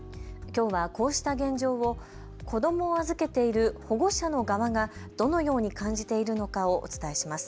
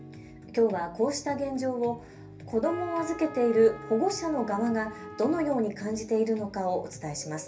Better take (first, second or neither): first